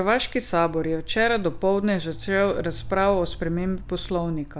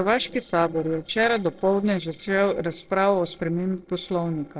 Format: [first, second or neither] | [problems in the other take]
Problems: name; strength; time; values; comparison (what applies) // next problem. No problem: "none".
first | noise reduction (neural separator model SepFormer DNS4)